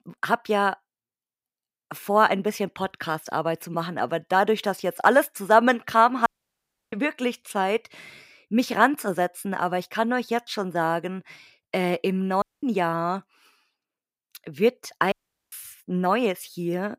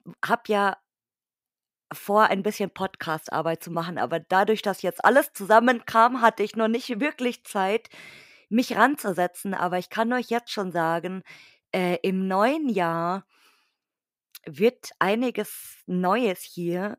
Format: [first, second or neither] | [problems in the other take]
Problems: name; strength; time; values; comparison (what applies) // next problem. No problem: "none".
second | audio cutting out; at 6.5 s for 0.5 s, at 12 s and at 15 s